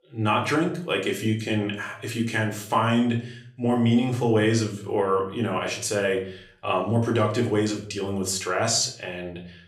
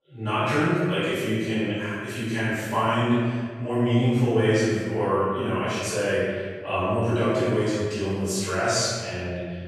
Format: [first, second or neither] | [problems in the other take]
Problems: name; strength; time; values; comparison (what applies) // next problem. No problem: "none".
first | room echo; strong; dies away in 1.7 s; slight in the first // off-mic speech; far; somewhat distant in the first